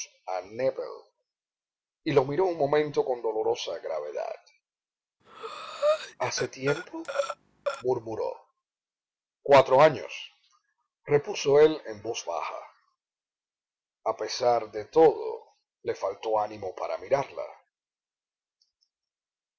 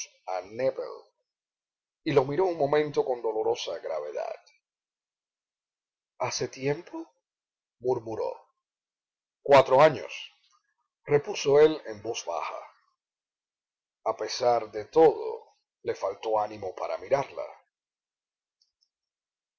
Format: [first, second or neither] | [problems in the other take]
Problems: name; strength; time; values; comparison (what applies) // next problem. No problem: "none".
second | background sound (Breathing); 4 dB below the speech